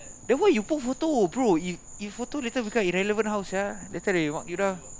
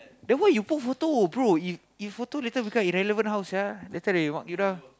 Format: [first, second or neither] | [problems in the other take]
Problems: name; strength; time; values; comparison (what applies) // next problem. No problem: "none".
second | background sound (Insect); 17 dB below the speech